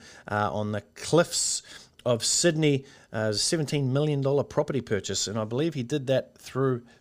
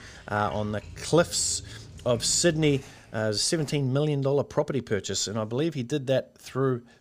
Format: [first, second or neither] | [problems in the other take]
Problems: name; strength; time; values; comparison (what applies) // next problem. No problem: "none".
first | household noises; noticeable; until 3.5 s; 20 dB below the speech